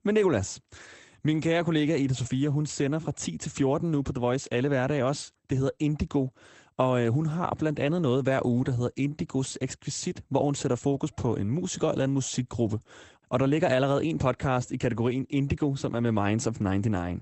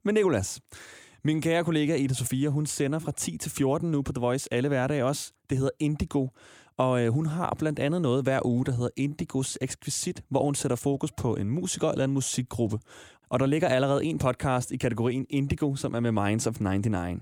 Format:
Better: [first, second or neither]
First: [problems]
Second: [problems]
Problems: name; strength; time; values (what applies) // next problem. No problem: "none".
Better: second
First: garbled, watery; slightly; nothing above 8 kHz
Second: none